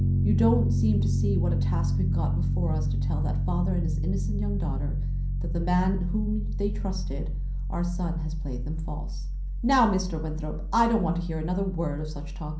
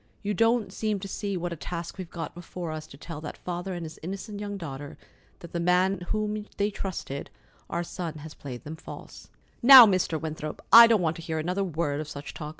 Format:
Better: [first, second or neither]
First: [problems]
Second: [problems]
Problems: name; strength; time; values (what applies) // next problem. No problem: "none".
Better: second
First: background sound (Piano); 3 dB above the speech // room echo; dies away in 0.6 s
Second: none